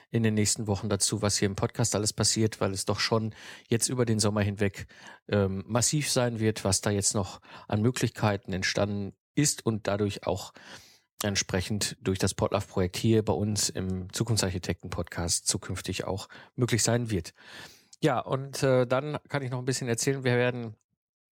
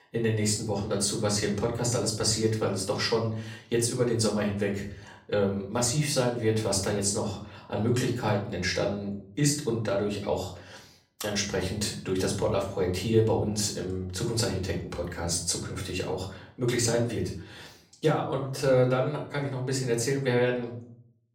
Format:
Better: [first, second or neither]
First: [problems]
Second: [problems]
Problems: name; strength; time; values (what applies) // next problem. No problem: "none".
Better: first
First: none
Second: off-mic speech; far // room echo; slight; dies away in 0.5 s